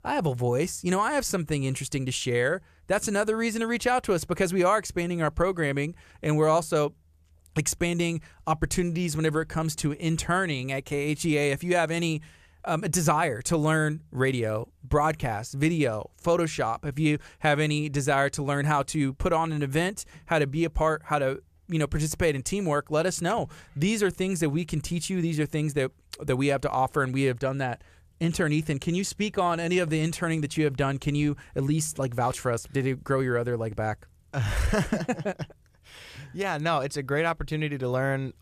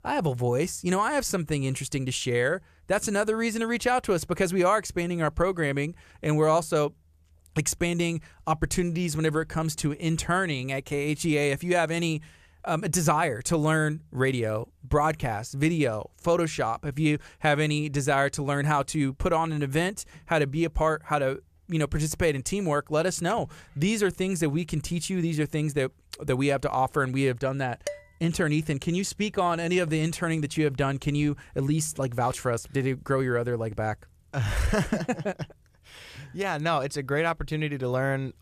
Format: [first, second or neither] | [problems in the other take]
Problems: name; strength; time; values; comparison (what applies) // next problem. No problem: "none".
first | clattering dishes; faint; at 28 s; peak 10 dB below the speech